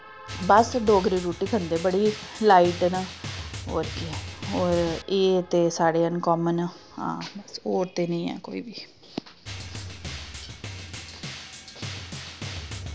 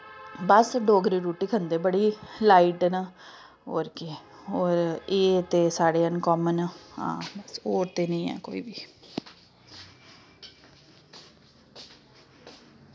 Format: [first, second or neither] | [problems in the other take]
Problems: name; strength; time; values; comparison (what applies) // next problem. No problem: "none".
second | background sound (Drum); 12 dB below the speech